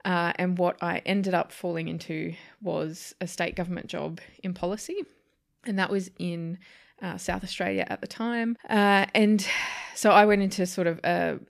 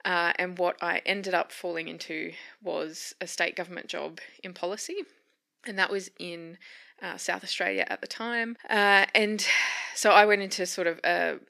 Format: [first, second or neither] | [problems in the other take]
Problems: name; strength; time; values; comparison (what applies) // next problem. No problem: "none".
first | thin; somewhat; fading below 300 Hz